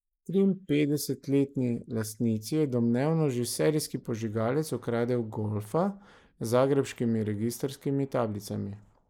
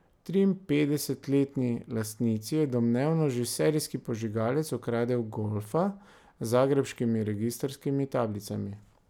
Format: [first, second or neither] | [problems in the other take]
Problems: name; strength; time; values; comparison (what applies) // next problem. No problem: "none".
second | noise reduction (neural mask model Resemble Enhance denoiser)